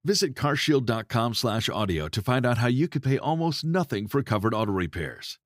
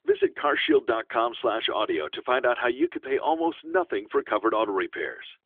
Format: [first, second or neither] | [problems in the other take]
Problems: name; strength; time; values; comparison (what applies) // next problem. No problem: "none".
first | phone-call audio; nothing above 3.5 kHz